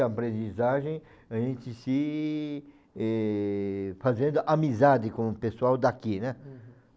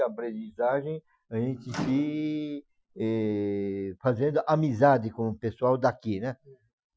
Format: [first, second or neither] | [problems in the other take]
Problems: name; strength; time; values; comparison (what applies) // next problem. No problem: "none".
first | noise reduction (classical method Wiener filter)